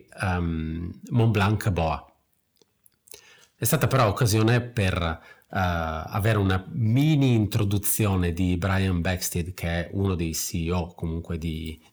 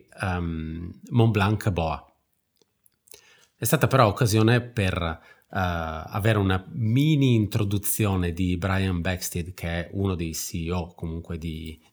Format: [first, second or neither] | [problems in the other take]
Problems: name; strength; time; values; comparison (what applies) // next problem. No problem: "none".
second | distortion; slight; 10 dB below the speech